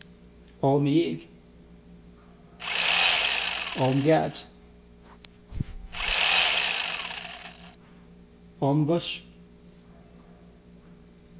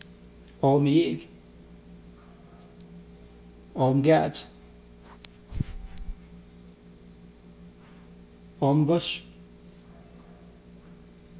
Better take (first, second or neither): second